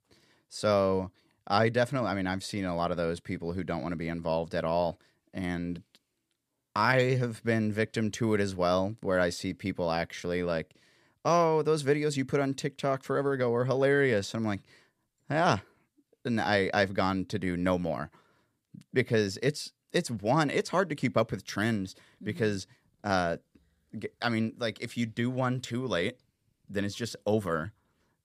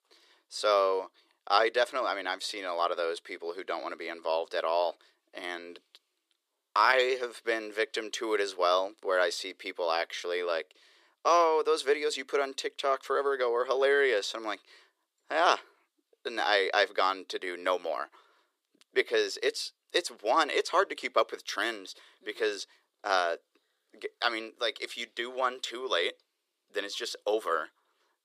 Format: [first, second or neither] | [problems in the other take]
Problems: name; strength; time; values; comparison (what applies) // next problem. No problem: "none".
first | thin; very; fading below 350 Hz